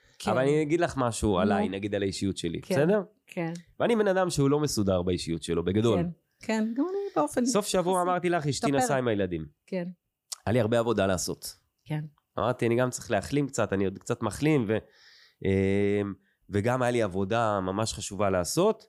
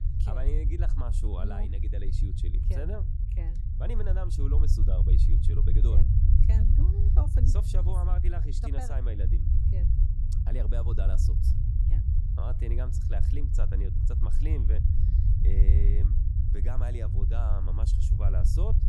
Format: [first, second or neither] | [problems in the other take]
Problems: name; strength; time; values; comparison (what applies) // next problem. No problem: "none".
first | low rumble; loud; throughout; 1 dB below the speech